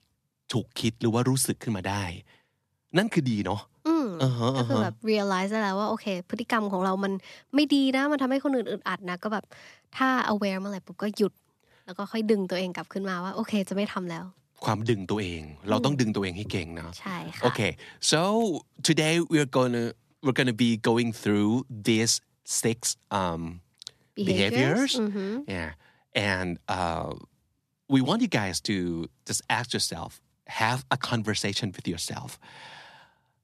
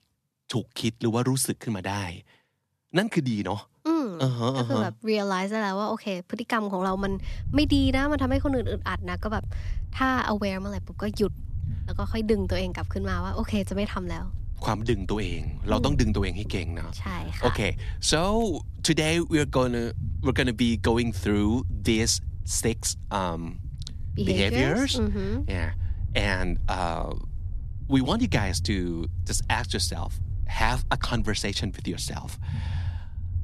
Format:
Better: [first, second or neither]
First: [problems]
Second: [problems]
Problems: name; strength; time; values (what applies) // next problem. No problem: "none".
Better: first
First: none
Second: low rumble; faint; from 7 s on; 20 dB below the speech